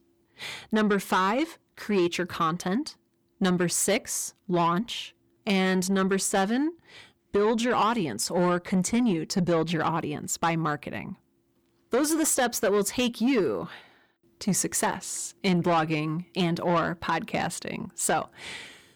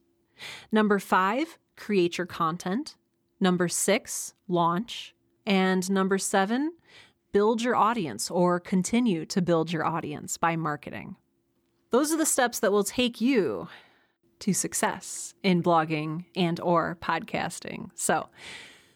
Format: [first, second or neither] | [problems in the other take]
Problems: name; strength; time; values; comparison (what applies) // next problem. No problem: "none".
second | distortion; slight; 10 dB below the speech